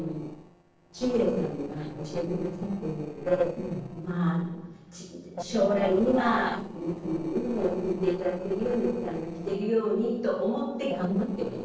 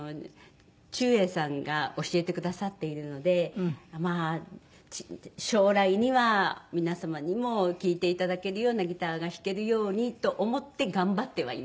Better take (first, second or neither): second